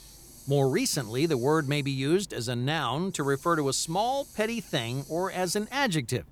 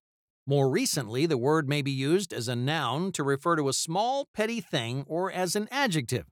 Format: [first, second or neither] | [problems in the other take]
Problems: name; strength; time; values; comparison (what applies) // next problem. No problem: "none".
second | hiss; faint; throughout; 20 dB below the speech